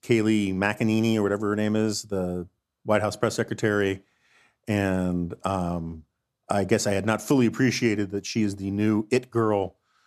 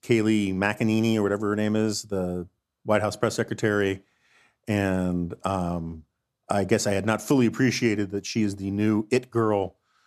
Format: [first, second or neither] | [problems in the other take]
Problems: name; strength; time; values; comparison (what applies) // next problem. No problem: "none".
neither | none